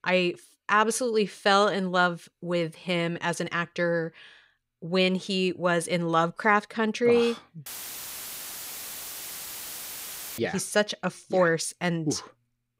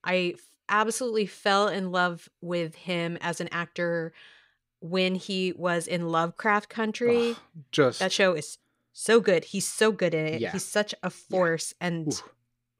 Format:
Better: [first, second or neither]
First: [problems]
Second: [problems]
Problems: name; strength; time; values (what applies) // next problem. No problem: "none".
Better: second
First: audio cutting out; filled with static; at 7.5 s for 2.5 s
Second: none